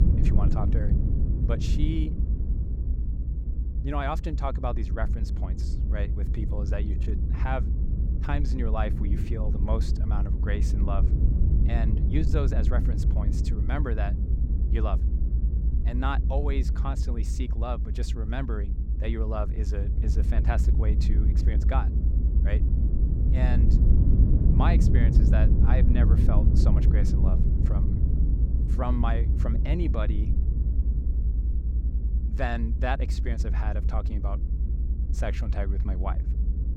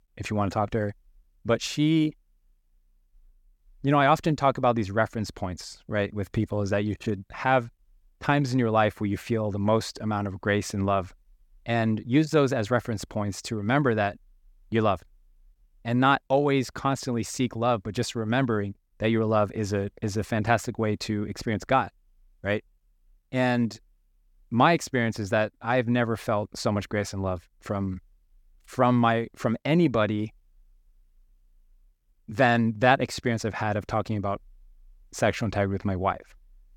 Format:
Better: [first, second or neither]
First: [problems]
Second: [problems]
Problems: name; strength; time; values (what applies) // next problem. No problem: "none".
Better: second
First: low rumble; loud; throughout; 5 dB below the speech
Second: none